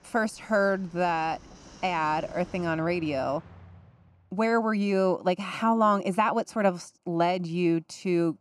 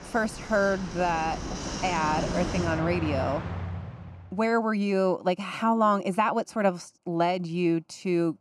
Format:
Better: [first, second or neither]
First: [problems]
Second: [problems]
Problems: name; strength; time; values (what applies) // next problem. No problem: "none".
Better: first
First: train or aircraft noise; faint; until 4 s; 20 dB below the speech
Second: train or aircraft noise; loud; until 4 s; 7 dB below the speech